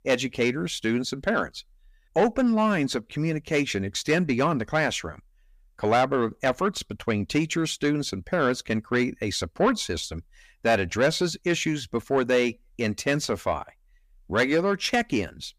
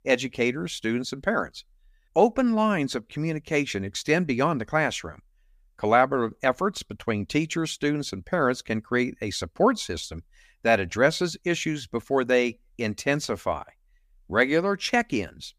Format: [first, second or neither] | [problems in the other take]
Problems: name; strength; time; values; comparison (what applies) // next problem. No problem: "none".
second | distortion; slight; 10 dB below the speech